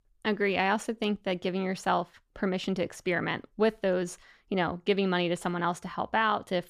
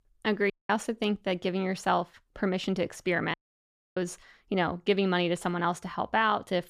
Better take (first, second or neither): first